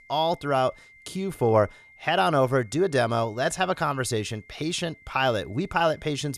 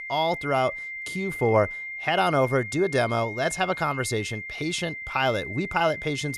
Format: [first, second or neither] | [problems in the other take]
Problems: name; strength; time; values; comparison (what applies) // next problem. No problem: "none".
first | high-pitched whine; loud; throughout; 2 kHz, 8 dB below the speech; faint in the first